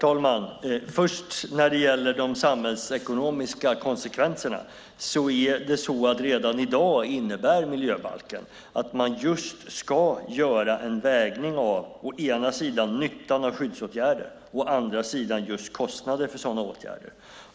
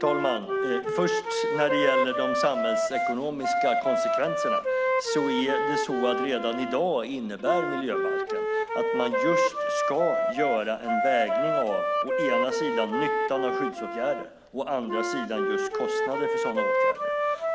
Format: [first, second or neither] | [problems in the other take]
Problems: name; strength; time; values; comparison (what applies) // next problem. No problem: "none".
first | background sound (Wind instrument, woodwind instrument); 3 dB above the speech